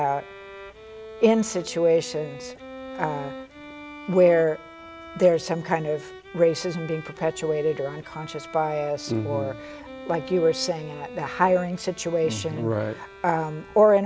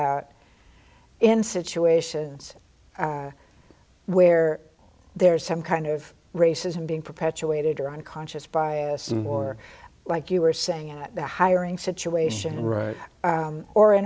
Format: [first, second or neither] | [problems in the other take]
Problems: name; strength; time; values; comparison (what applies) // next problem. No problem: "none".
second | background sound (Bowed string instrument); 16 dB below the speech